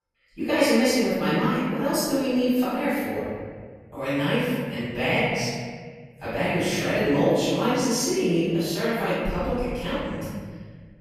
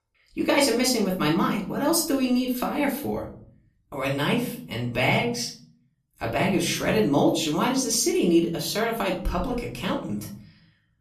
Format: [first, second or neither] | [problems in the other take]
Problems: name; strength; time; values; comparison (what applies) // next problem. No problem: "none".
second | room echo; strong; dies away in 2 s; slight in the second // off-mic speech; far; far in the second